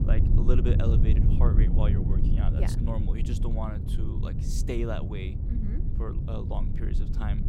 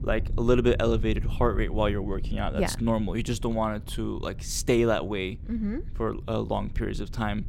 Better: second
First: low rumble; loud; throughout; 2 dB below the speech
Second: low rumble; faint; throughout; 20 dB below the speech

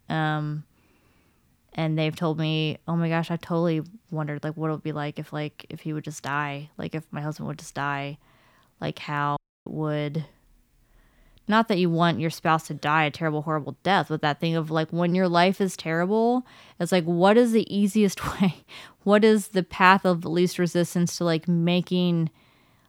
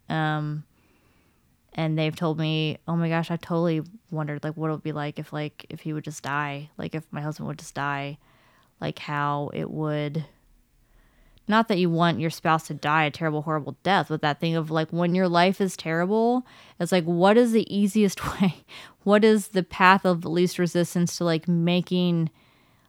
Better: second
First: audio cutting out; at 9.5 s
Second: none

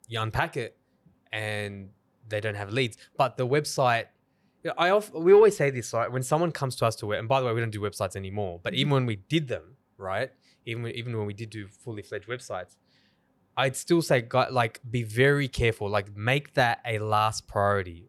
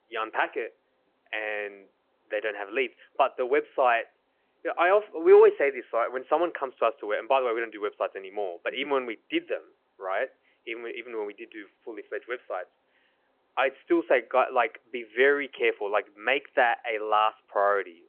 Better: first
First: none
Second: phone-call audio

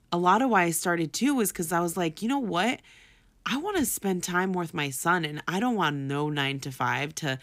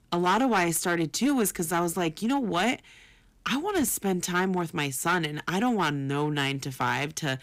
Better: first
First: none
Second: distortion; slight; 7% of the sound clipped

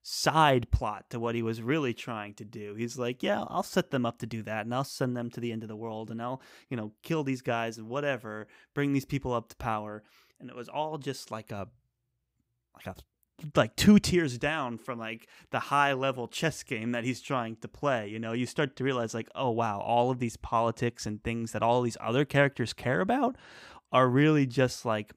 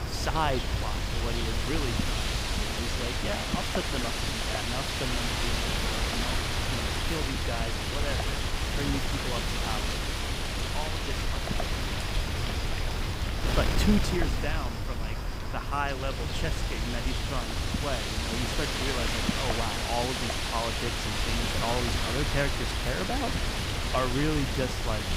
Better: first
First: none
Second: wind noise on the microphone; heavy; 3 dB above the speech

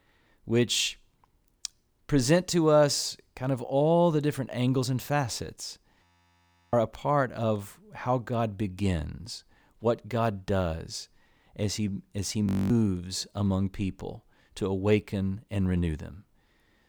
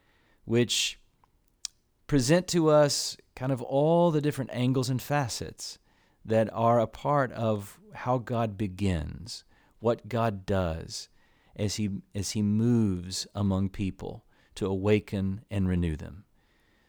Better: second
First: audio freezing; at 6 s for 0.5 s and at 12 s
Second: none

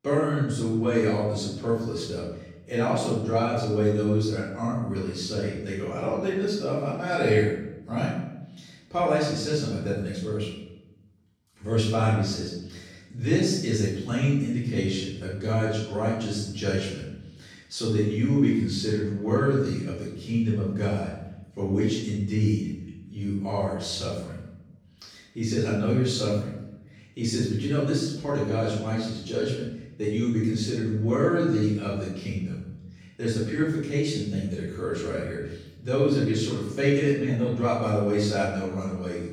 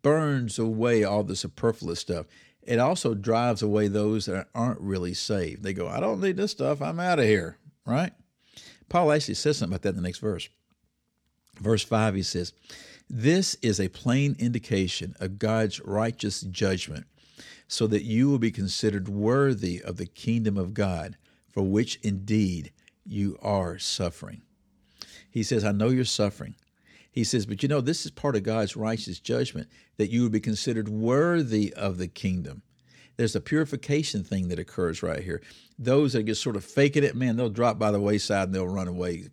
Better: second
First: off-mic speech; far // room echo; noticeable; dies away in 0.8 s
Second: none

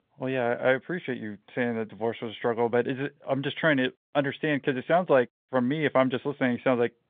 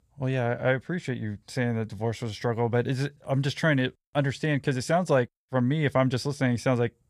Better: second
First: phone-call audio; nothing above 3.5 kHz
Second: none

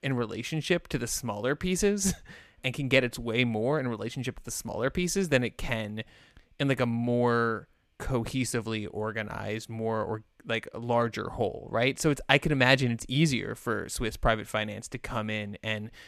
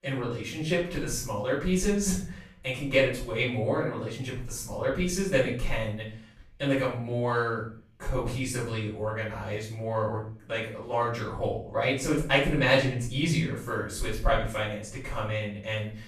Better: first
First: none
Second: room echo; noticeable; dies away in 0.4 s // off-mic speech; far

